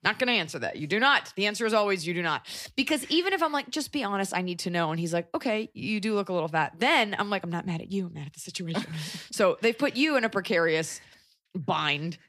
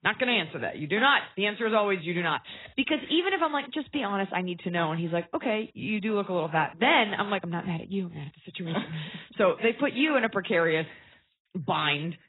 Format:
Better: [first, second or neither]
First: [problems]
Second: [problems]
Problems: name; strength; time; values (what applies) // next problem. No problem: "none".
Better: first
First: none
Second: garbled, watery; badly; nothing above 4 kHz